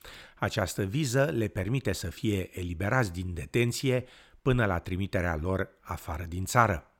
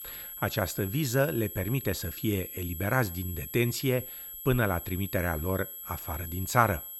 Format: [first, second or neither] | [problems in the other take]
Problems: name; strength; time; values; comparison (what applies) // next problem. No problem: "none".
first | high-pitched whine; loud; throughout; 11.5 kHz, 9 dB below the speech